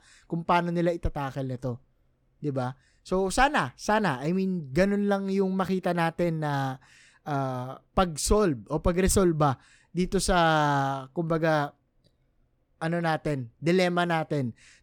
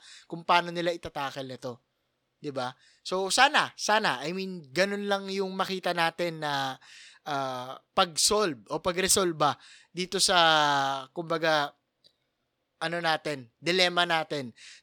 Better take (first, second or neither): first